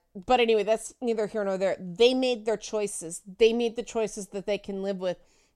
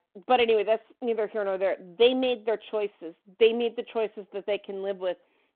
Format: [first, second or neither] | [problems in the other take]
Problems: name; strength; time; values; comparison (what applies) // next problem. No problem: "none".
first | phone-call audio; nothing above 3.5 kHz